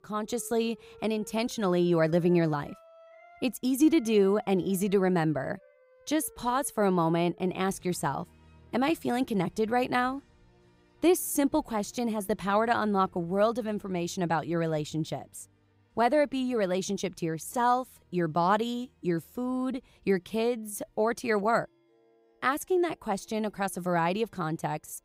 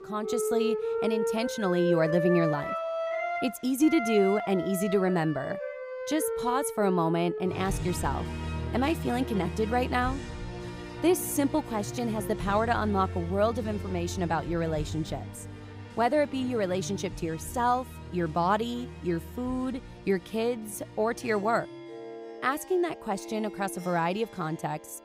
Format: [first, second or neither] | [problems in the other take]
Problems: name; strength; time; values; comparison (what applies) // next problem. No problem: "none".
first | background music; loud; throughout; 6 dB below the speech; faint in the first